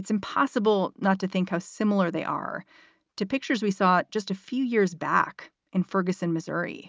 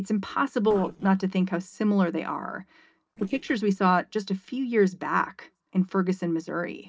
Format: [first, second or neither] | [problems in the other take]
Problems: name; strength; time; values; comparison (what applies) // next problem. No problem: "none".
first | noise reduction (neural separator model SepFormer DNS4)